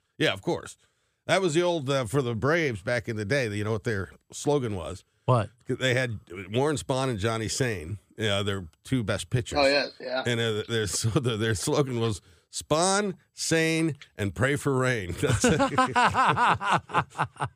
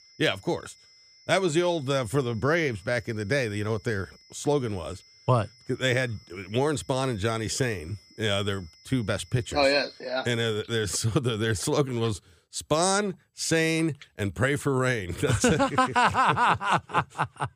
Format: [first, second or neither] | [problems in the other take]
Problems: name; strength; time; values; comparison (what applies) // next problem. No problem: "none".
first | high-pitched whine; faint; until 11 s; 5 kHz, 25 dB below the speech